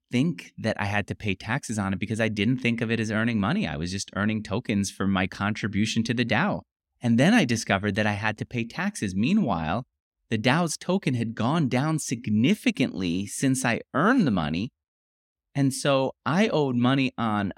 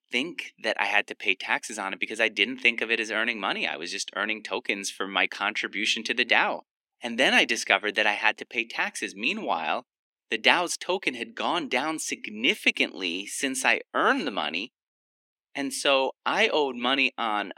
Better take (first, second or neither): first